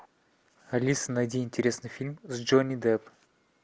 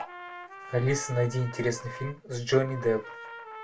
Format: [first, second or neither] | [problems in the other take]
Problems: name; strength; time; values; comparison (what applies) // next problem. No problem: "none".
first | background sound (Trumpet); 13 dB below the speech // room echo; dies away in 0.2 s